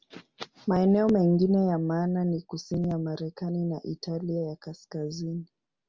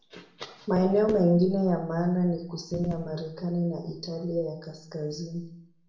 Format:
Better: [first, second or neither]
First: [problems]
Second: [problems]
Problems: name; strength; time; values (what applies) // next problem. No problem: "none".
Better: first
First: none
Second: room echo; dies away in 0.6 s